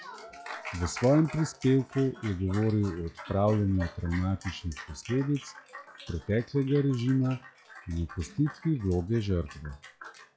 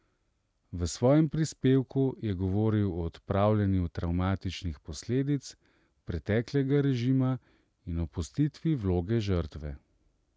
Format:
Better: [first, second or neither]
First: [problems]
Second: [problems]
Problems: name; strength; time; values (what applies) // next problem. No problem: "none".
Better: second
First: noise reduction (classical method log-MMSE)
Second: none